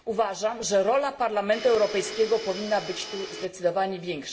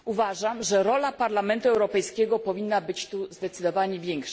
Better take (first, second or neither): second